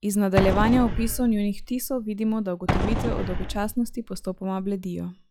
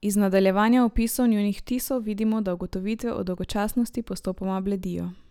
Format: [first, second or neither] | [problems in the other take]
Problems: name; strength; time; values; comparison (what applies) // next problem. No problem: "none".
second | noise reduction (classical method log-MMSE)